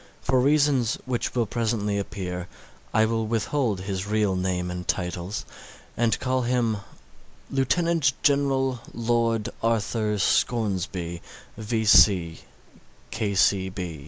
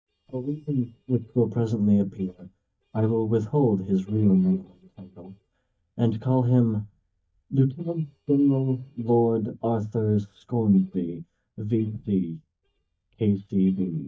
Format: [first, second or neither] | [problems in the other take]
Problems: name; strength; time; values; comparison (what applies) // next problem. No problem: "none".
first | noise reduction (neural mask model DeepFilterNet 3)